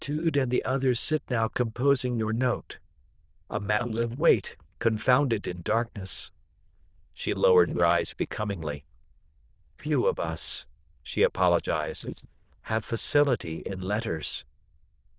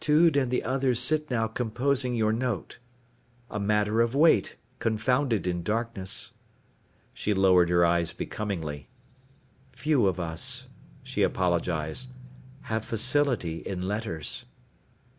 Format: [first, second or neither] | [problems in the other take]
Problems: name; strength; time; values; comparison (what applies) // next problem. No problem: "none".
second | noise reduction (neural diffusion model UNIVERSE++)